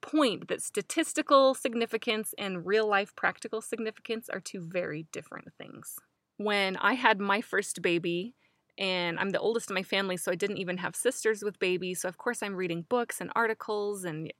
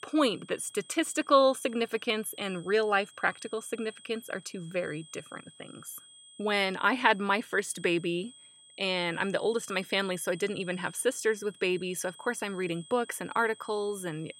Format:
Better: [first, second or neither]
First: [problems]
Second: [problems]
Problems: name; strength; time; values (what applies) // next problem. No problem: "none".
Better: first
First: none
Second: high-pitched whine; faint; throughout; 3.5 kHz, 20 dB below the speech